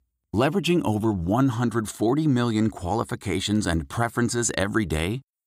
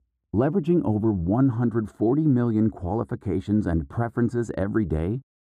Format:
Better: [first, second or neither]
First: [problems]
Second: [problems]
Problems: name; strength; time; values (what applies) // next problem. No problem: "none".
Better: first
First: none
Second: muffled; very; fading above 1 kHz